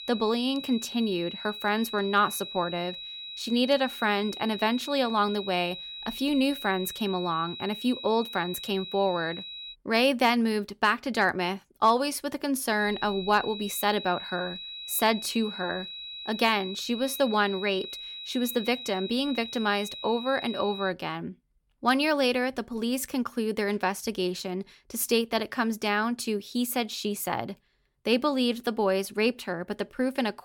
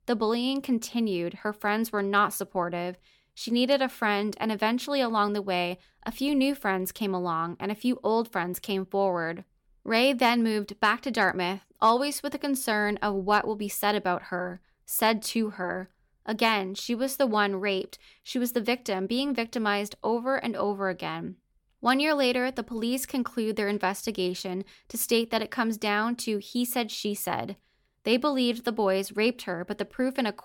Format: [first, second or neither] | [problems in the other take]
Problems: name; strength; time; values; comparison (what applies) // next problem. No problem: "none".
second | high-pitched whine; loud; until 9.5 s and from 13 to 21 s; 4 kHz, 10 dB below the speech